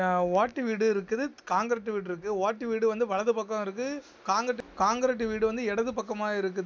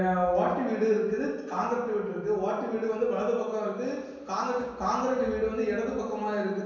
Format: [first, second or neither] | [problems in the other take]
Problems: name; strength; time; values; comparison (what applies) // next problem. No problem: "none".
first | room echo; dies away in 1.2 s